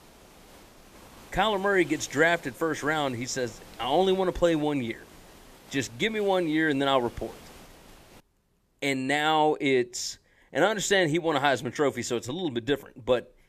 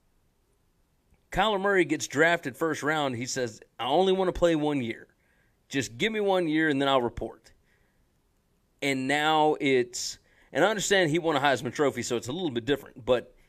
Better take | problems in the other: second | hiss; faint; until 8 s; 25 dB below the speech

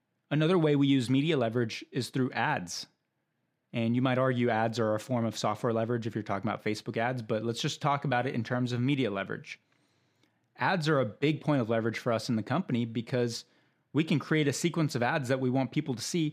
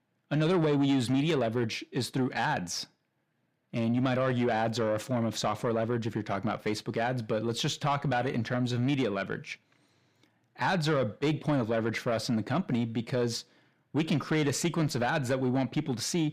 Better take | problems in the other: first | distortion; slight; 10 dB below the speech

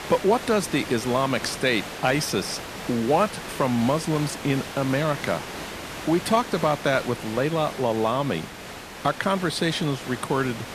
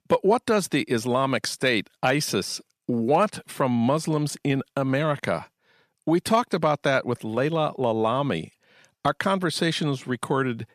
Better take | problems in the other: second | hiss; loud; throughout; 10 dB below the speech

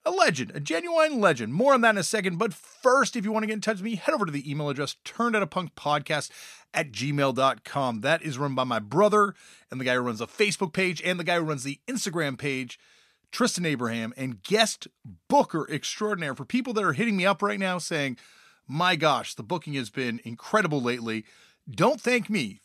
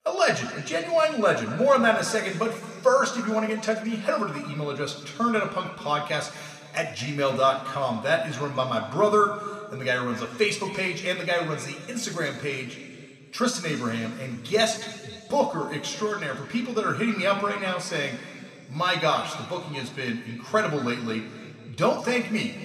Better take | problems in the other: first | room echo; slight; dies away in 2.2 s

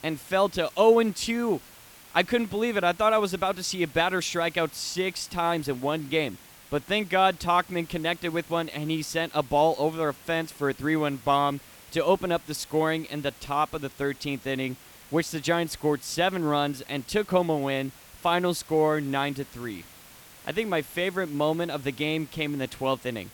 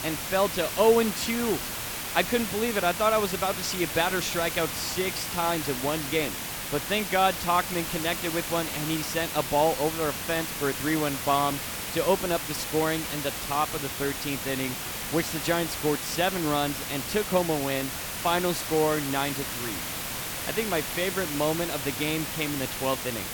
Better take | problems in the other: first | hiss; loud; throughout; 3 dB below the speech; faint in the first

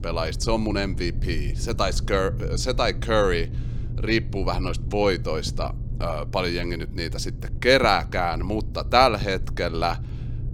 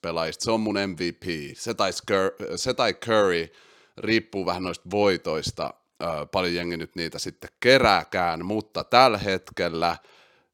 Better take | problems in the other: second | low rumble; faint; throughout; 20 dB below the speech

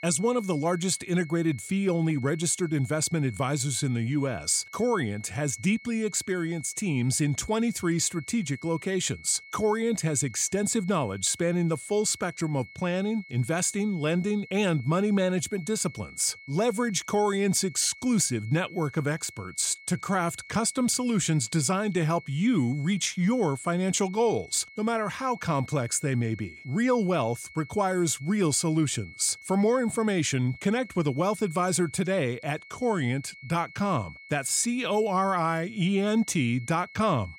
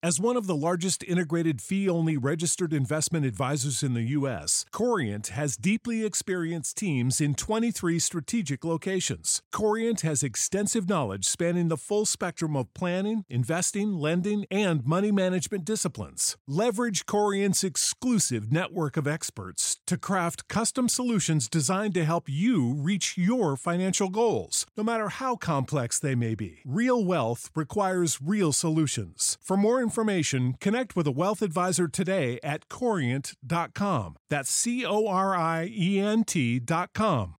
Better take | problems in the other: second | high-pitched whine; noticeable; throughout; 2 kHz, 20 dB below the speech

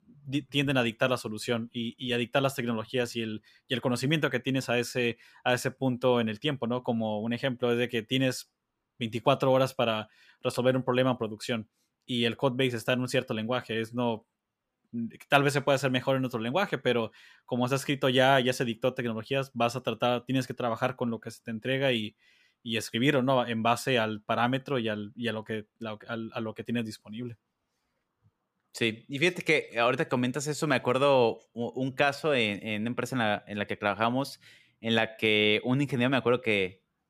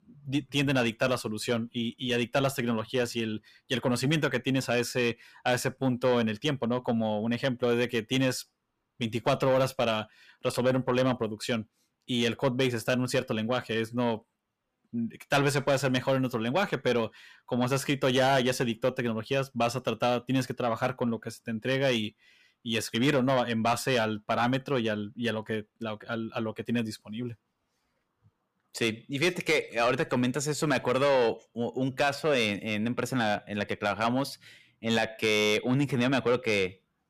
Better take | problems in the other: first | distortion; slight; 10 dB below the speech

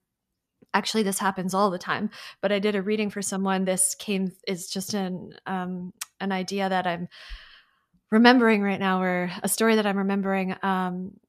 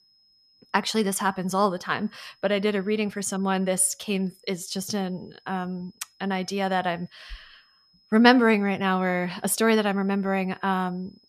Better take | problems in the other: first | high-pitched whine; faint; throughout; 5 kHz, 35 dB below the speech

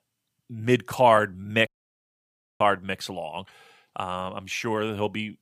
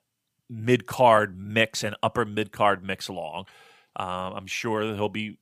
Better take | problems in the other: second | audio cutting out; at 1.5 s for 1 s

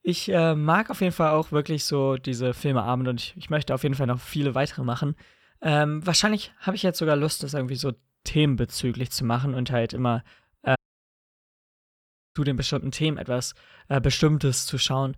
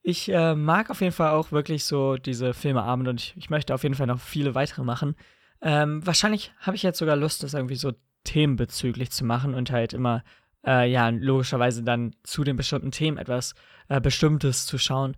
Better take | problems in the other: second | audio cutting out; at 11 s for 1.5 s

